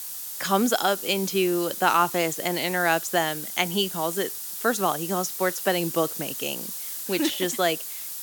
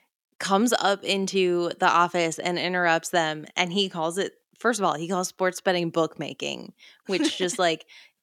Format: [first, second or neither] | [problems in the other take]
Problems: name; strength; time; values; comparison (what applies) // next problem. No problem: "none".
second | hiss; loud; throughout; 6 dB below the speech